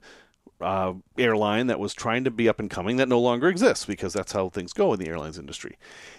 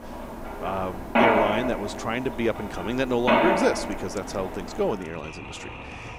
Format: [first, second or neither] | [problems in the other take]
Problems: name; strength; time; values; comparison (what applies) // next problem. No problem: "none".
first | machinery noise; very loud; throughout; 1 dB above the speech